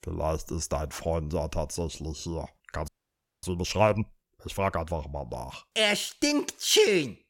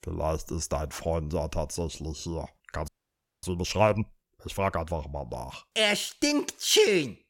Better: neither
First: audio freezing; at 3 s for 0.5 s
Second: audio freezing; at 3 s for 0.5 s

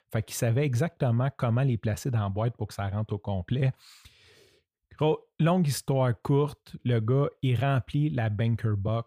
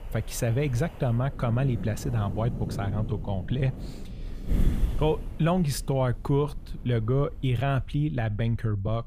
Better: first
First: none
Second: wind noise on the microphone; occasional gusts; 15 dB below the speech

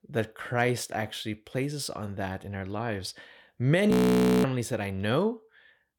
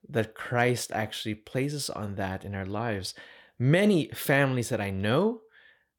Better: second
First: audio freezing; at 4 s for 0.5 s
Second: none

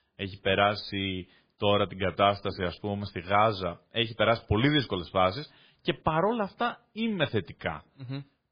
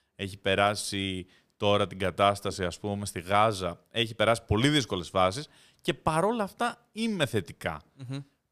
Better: second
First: garbled, watery; badly; nothing above 5 kHz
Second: none

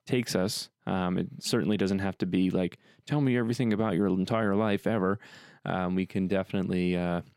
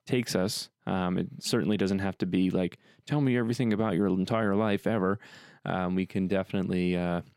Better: neither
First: none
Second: none

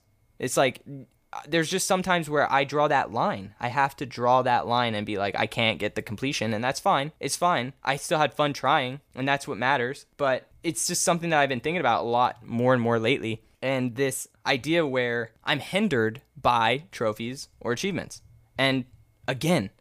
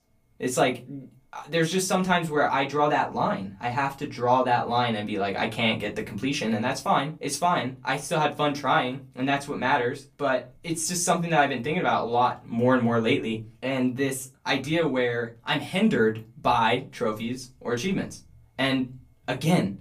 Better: first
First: none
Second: off-mic speech; far // room echo; very slight; dies away in 0.2 s

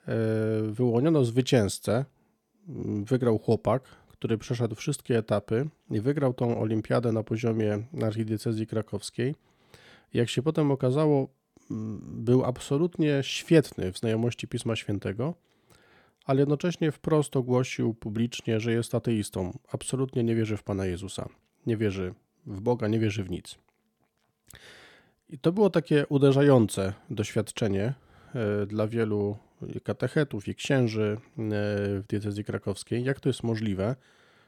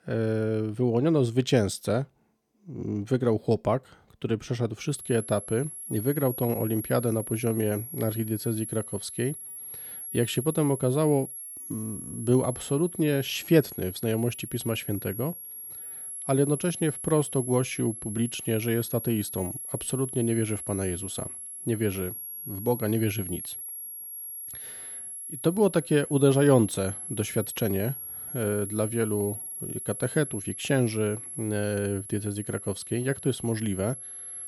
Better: first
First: none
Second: high-pitched whine; loud; from 5 s on; 11 kHz, 8 dB below the speech

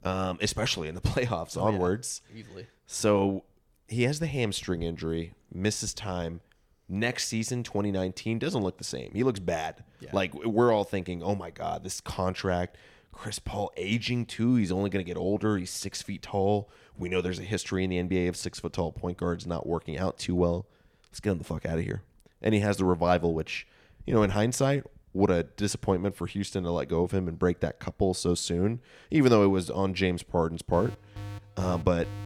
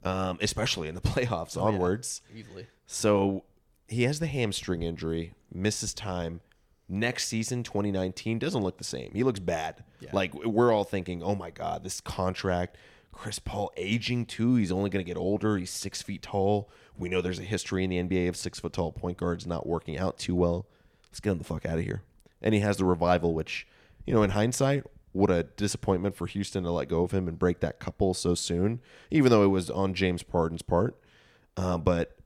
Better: second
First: alarm; faint; from 31 s on; peak 10 dB below the speech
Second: none

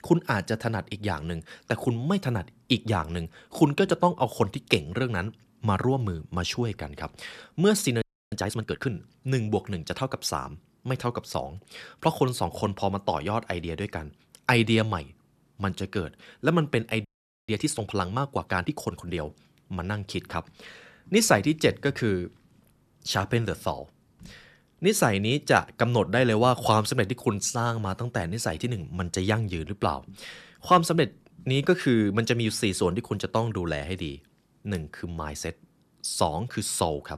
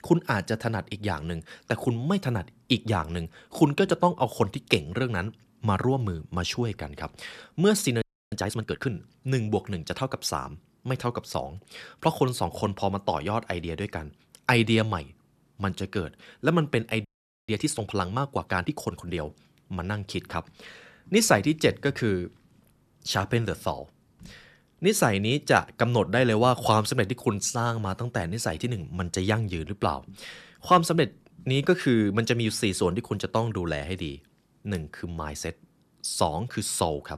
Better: neither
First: audio freezing; at 8 s and at 17 s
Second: audio freezing; at 8 s and at 17 s

